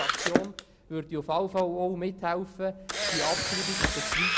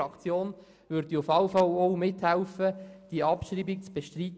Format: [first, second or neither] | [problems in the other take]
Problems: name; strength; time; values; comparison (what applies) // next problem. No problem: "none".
second | background sound (Camera); 1 dB above the speech